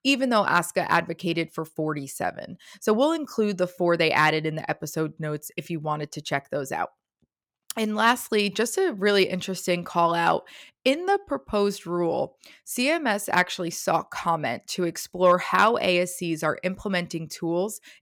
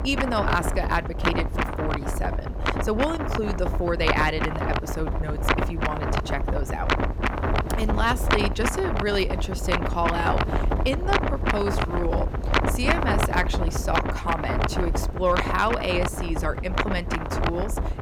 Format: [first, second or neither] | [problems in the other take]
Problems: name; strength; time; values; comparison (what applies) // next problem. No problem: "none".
first | wind noise on the microphone; heavy; as loud as the speech